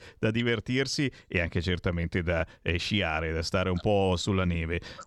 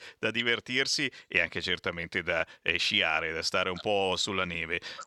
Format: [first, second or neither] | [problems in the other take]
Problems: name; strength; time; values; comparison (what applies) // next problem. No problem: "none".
first | thin; somewhat; fading below 700 Hz